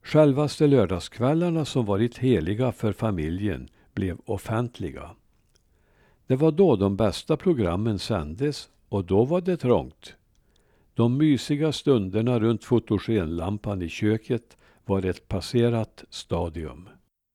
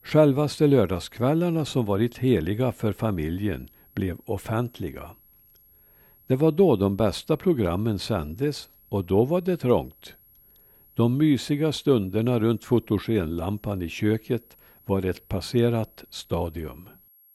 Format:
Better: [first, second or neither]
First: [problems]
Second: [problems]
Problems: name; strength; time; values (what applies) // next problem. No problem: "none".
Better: first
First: none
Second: high-pitched whine; faint; throughout; 11.5 kHz, 30 dB below the speech